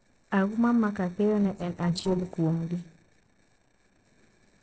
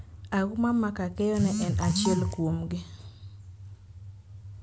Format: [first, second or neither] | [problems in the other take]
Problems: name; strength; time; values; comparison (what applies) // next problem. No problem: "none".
second | noise reduction (neural separator model SepFormer DNS4)